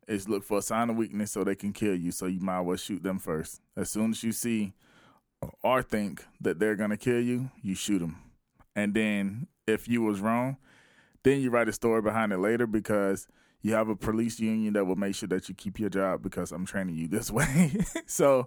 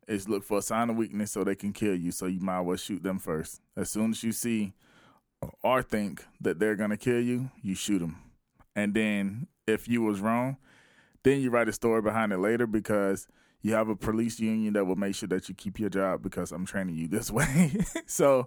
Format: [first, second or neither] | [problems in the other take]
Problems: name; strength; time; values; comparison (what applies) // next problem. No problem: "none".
neither | none